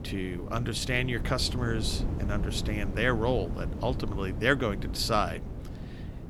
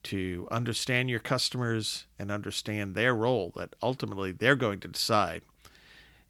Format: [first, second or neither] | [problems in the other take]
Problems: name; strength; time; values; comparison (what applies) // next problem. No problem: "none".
second | wind noise on the microphone; occasional gusts; 15 dB below the speech